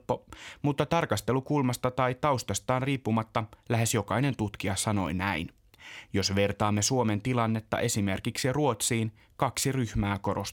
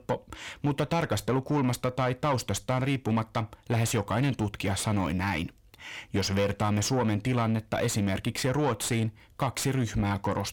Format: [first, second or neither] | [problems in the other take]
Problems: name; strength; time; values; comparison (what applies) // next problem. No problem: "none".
first | distortion; slight; 10 dB below the speech